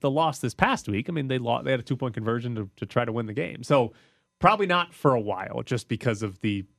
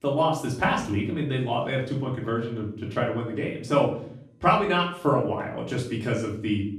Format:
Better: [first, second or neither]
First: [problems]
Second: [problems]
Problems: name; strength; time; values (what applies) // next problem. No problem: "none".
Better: first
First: none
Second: off-mic speech; far // room echo; noticeable; dies away in 0.5 s